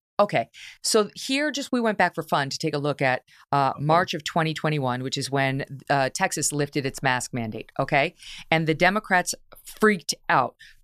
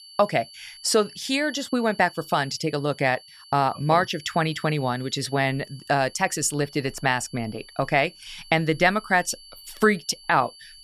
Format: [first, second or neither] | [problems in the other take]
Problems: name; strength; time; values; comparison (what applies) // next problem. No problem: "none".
first | high-pitched whine; faint; throughout; 4.5 kHz, 20 dB below the speech